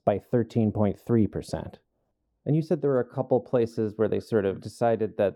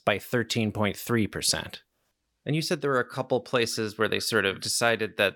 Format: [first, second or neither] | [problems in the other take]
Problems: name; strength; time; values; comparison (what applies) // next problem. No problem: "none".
second | muffled; very; fading above 1 kHz